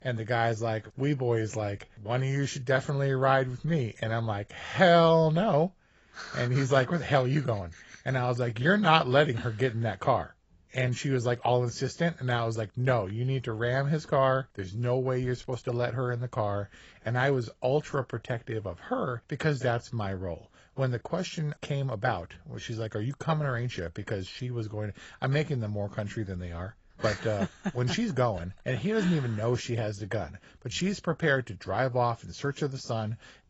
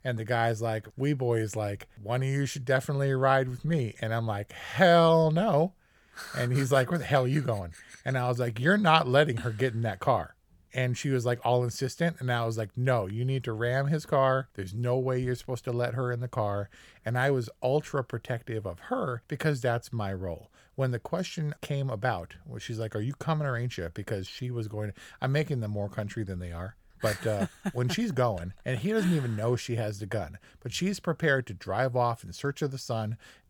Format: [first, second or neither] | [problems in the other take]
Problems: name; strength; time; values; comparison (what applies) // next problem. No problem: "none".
second | garbled, watery; badly; nothing above 7.5 kHz